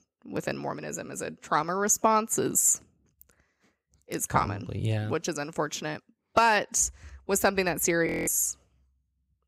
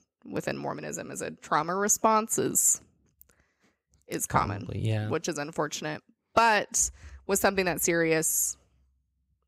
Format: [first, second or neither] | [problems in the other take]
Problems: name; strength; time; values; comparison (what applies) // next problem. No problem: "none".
second | audio freezing; at 8 s